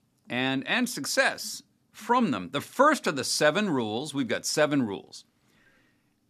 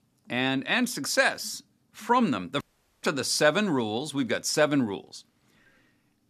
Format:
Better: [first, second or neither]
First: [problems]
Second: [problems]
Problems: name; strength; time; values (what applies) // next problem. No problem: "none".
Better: first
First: none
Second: audio cutting out; at 2.5 s